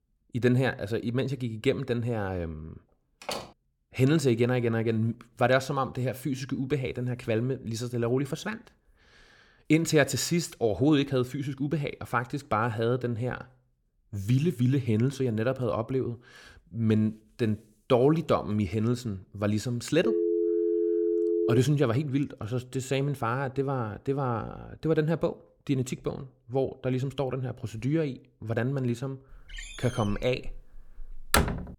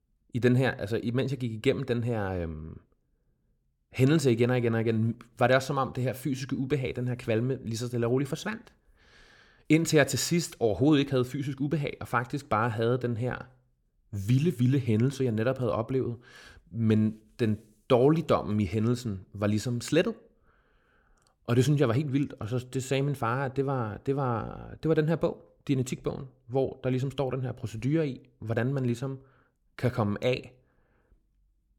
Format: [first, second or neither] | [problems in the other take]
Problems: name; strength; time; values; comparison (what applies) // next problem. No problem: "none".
second | door banging; noticeable; at 3 s; peak 8 dB below the speech // phone ringing; loud; from 20 to 22 s; peak 2 dB above the speech // door banging; loud; from 30 s on; peak 3 dB above the speech